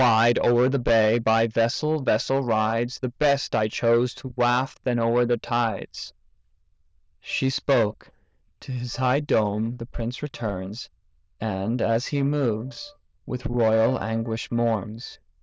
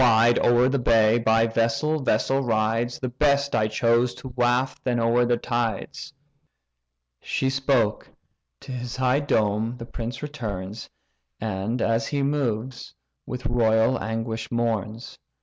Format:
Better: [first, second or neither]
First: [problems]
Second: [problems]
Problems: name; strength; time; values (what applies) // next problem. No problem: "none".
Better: second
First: noise reduction (neural diffusion model UNIVERSE++)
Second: none